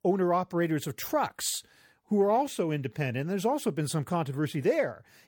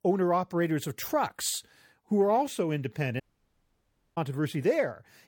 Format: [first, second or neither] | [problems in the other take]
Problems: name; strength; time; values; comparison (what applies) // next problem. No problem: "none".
first | audio cutting out; at 3 s for 1 s